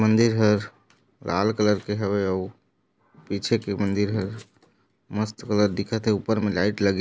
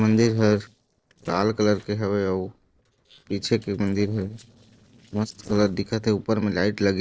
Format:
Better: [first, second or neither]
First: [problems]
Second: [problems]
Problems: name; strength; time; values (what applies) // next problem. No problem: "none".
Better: first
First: none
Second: noise reduction (neural separator model SepFormer DNS4)